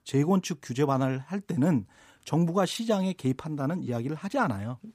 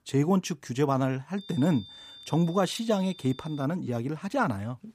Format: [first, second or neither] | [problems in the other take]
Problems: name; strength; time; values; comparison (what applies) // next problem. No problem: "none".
first | high-pitched whine; noticeable; from 1.5 to 3.5 s; 3.5 kHz, 20 dB below the speech